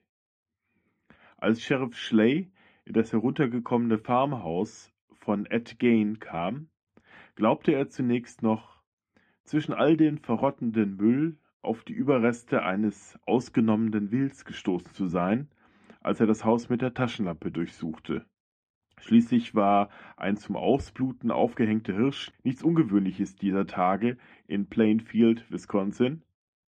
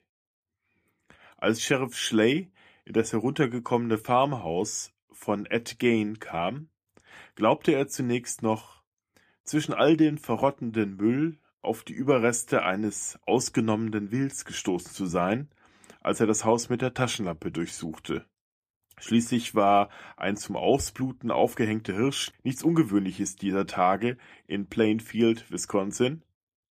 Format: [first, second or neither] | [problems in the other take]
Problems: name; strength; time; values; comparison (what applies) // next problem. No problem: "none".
second | muffled; slightly; fading above 3 kHz